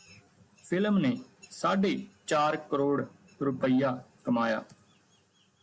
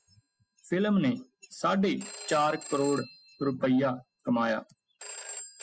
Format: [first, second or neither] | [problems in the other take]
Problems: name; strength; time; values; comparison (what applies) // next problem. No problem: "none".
first | noise reduction (classical method spectral subtraction)